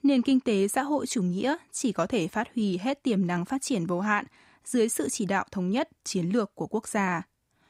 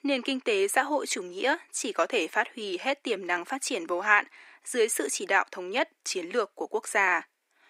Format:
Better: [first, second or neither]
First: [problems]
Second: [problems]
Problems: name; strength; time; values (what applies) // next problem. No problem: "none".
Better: first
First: none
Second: thin; somewhat; fading below 350 Hz